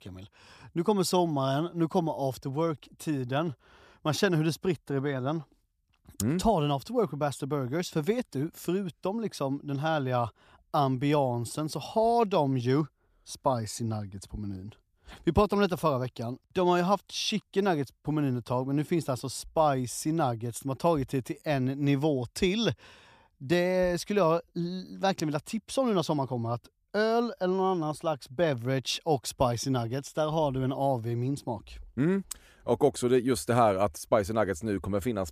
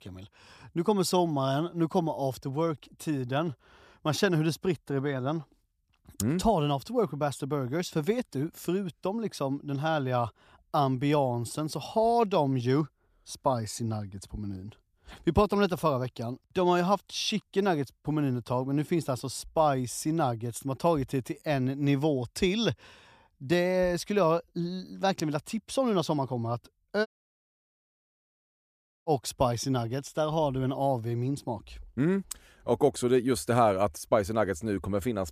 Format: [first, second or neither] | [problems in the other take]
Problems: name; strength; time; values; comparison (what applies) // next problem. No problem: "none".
first | audio cutting out; at 27 s for 2 s